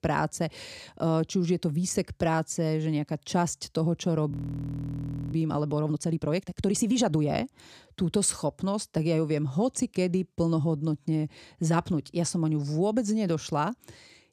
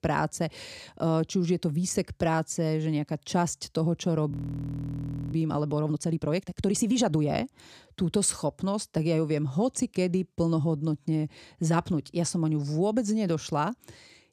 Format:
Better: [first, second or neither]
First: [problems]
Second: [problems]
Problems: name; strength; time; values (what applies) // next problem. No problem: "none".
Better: neither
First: audio freezing; at 4.5 s for 1 s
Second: audio freezing; at 4.5 s for 1 s